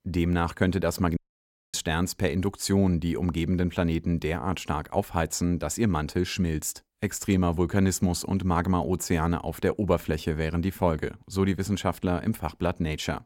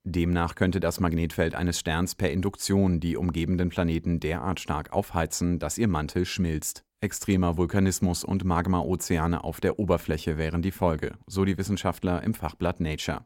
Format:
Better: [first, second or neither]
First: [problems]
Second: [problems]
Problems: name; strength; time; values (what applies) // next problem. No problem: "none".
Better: second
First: audio cutting out; at 1 s for 0.5 s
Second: none